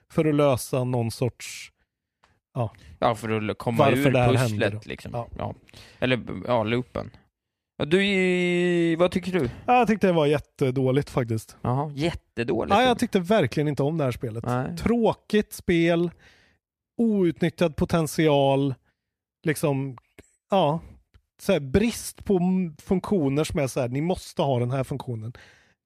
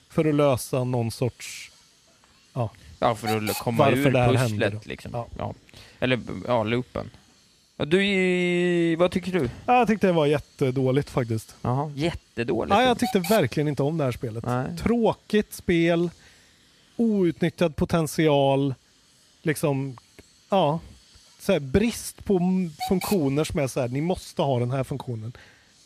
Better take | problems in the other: first | hiss; noticeable; throughout; 15 dB below the speech

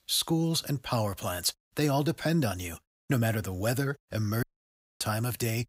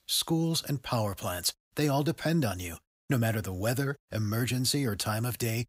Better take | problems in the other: second | audio cutting out; at 4.5 s for 0.5 s

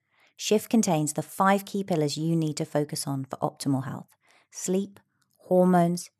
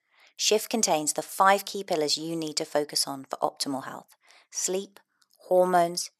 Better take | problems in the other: first | thin; somewhat; fading below 450 Hz

